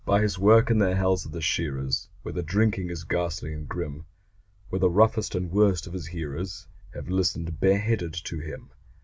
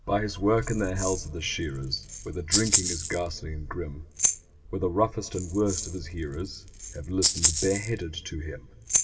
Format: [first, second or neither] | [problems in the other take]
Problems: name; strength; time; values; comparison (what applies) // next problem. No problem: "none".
first | background sound (Rattle (instrument)); 2 dB below the speech // room echo; dies away in 0.4 s